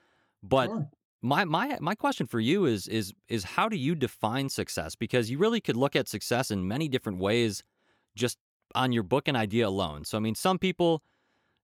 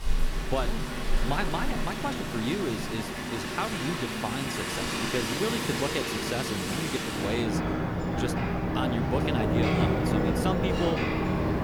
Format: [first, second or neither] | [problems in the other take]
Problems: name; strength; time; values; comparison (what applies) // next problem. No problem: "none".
first | rain or running water; very loud; throughout; 4 dB above the speech